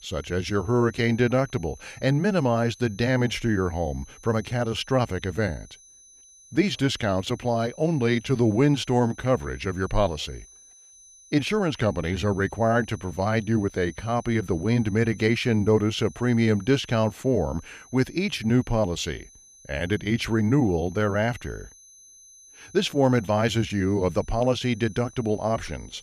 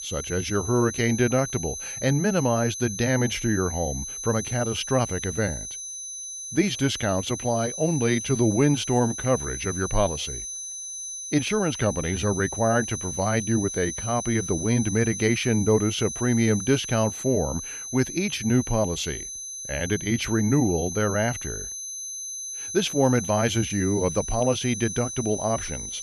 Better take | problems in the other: first | high-pitched whine; loud; throughout; 6 kHz, 7 dB below the speech; faint in the first

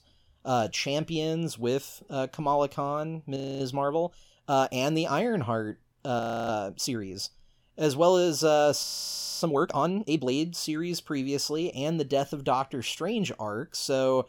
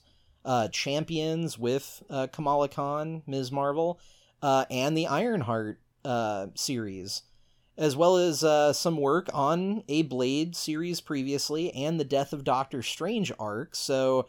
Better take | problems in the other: second | audio freezing; at 3.5 s, at 6 s and at 9 s for 0.5 s

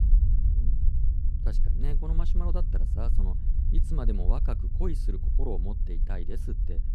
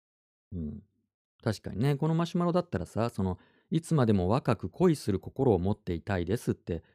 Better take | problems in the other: second | low rumble; loud; throughout; 6 dB below the speech

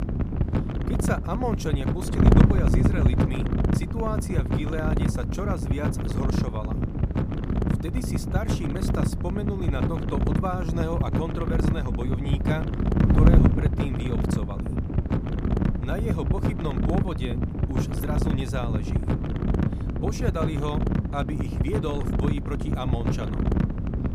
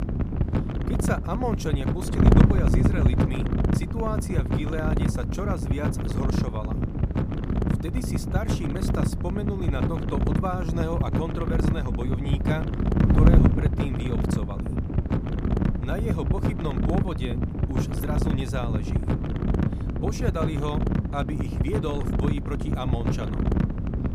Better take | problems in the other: neither | wind noise on the microphone; heavy; 1 dB above the speech; the same in both

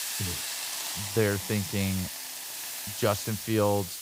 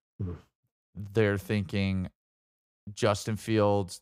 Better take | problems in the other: second | hiss; loud; throughout; 4 dB below the speech

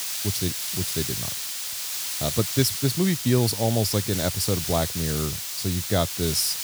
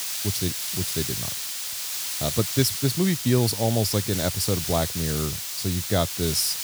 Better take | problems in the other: neither | hiss; loud; throughout; 2 dB below the speech; the same in both

